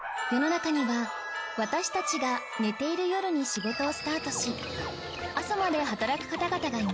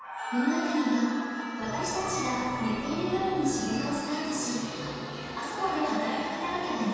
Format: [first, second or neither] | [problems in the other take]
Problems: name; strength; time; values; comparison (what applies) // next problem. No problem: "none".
first | background sound (Engine / Boat, Water vehicle); 11 dB below the speech // room echo; dies away in 2.1 s